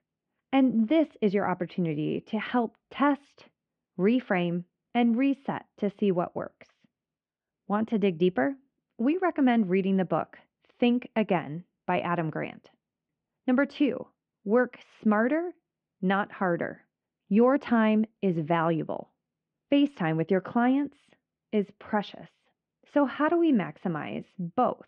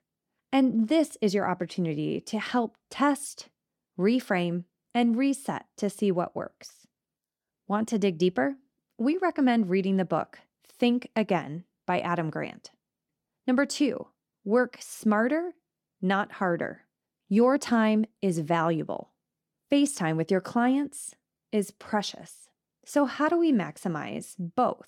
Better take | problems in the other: second | muffled; very; fading above 3 kHz

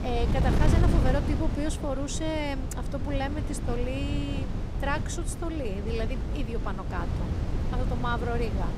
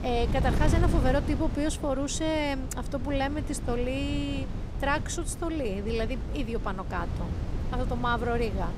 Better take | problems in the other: second | wind noise on the microphone; heavy; 5 dB below the speech; occasional gusts in the second

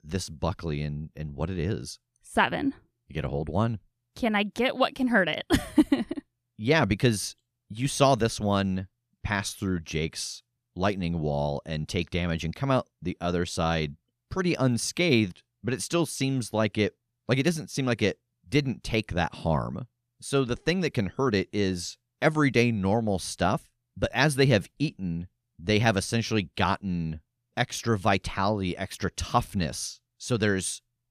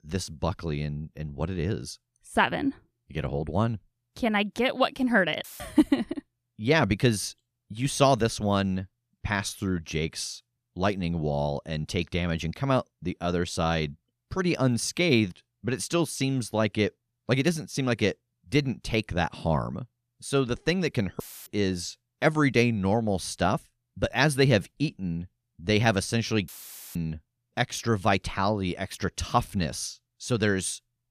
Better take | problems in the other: first | audio cutting out; filled with static; at 5.5 s, at 21 s and at 26 s

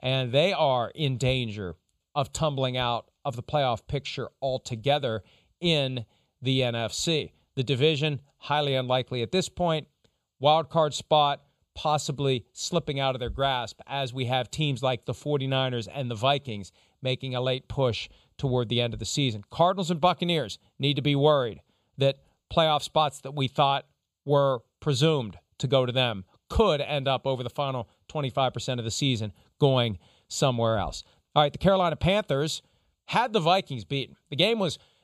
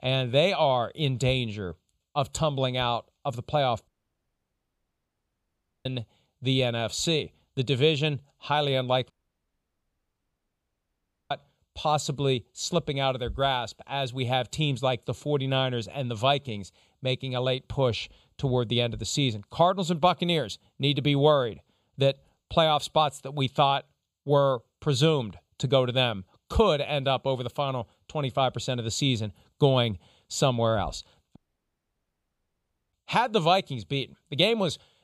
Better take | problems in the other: first | audio cutting out; at 4 s for 2 s, at 9 s for 2 s and at 31 s for 1.5 s

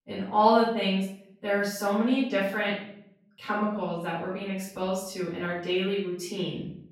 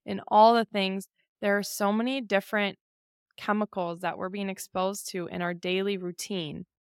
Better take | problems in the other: second | off-mic speech; far // room echo; noticeable; dies away in 0.7 s

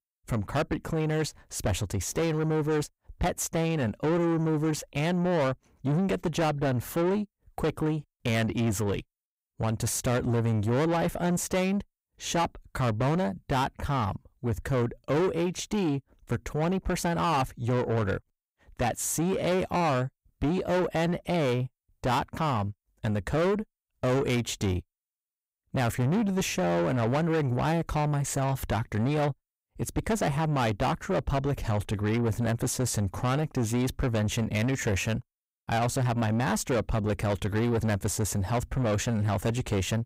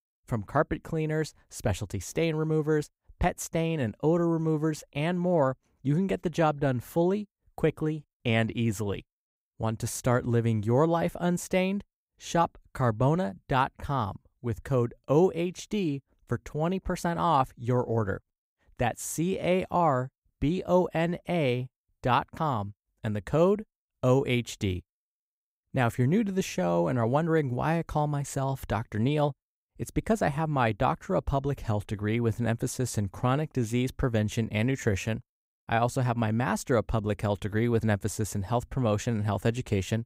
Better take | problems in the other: second | distortion; heavy; 8 dB below the speech

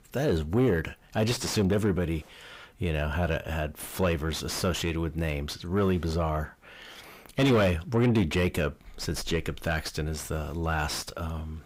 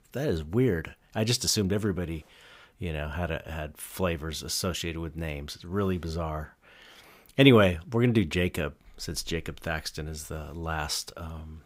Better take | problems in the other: second | distortion; heavy; 5 dB below the speech

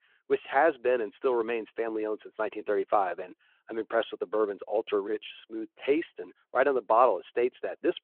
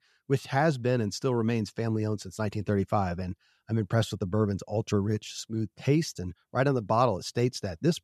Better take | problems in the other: second | phone-call audio

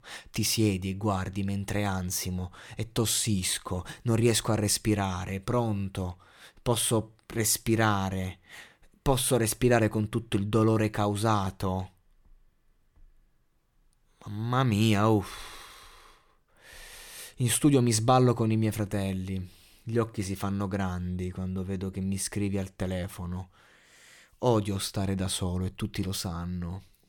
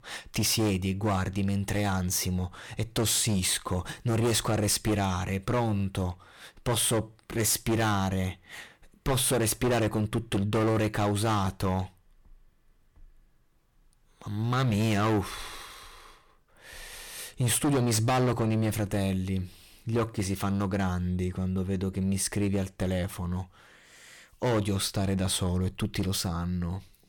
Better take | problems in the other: first | distortion; heavy; 10% of the sound clipped

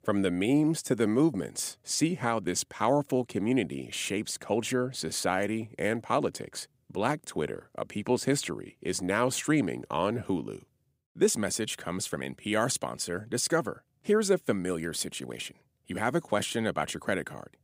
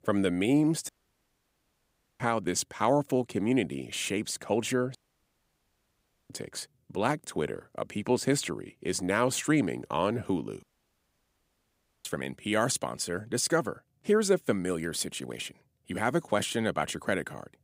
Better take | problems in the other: first | audio cutting out; at 1 s for 1.5 s, at 5 s for 1.5 s and at 11 s for 1.5 s

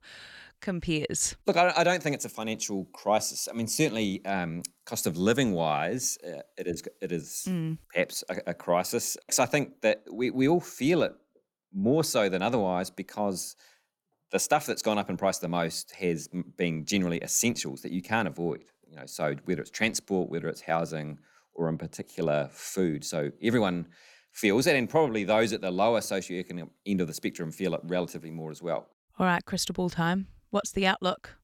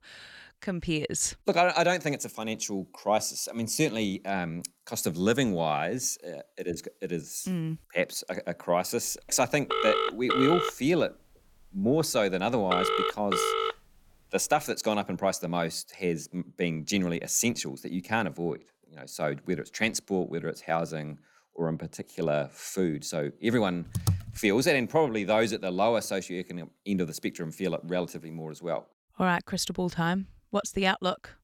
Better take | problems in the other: first | phone ringing; loud; from 9.5 to 14 s; peak 3 dB above the speech // keyboard typing; noticeable; at 24 s; peak 1 dB below the speech

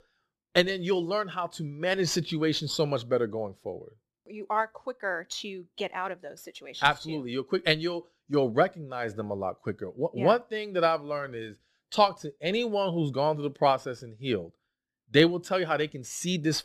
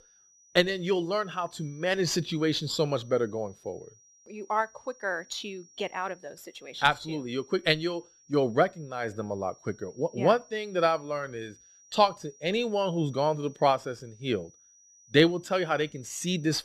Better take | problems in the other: first | high-pitched whine; faint; throughout; 5.5 kHz, 25 dB below the speech

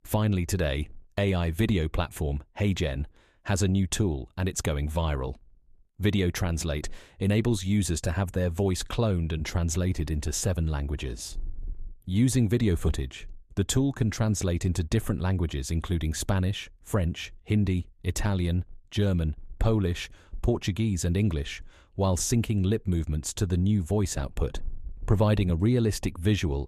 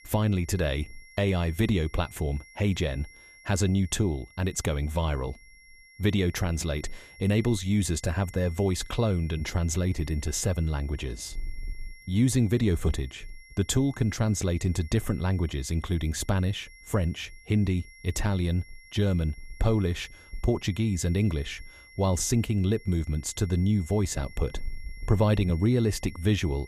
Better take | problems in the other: first | high-pitched whine; faint; throughout; 2 kHz, 25 dB below the speech

